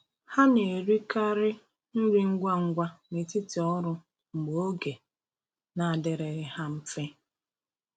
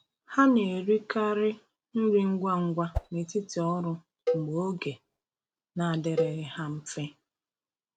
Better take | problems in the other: first | background sound (Cowbell + Whoosh, swoosh, swish); 7 dB below the speech

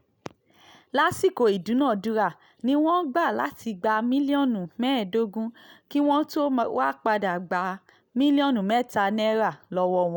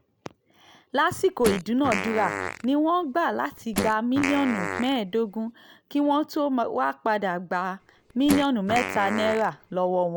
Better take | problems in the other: first | background sound (Fart); 7 dB below the speech

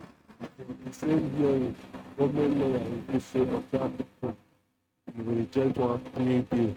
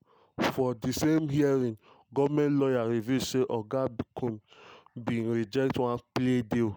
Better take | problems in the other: second | noise reduction (neural mask model RNNoise)

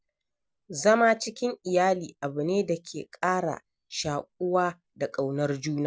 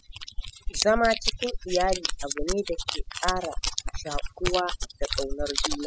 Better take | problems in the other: first | noise reduction (classical method spectral subtraction)

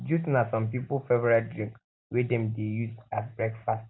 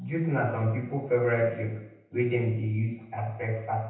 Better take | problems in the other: first | room echo; dies away in 0.9 s

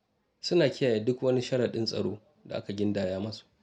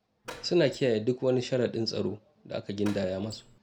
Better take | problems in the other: first | background sound (Door); 17 dB below the speech

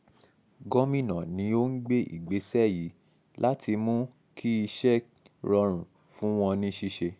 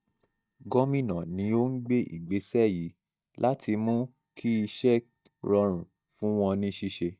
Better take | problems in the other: first | noise reduction (neural mask model DeepFilterNet 3)

